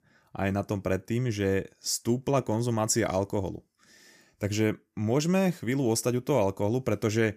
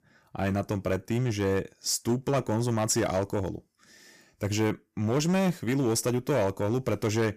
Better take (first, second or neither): first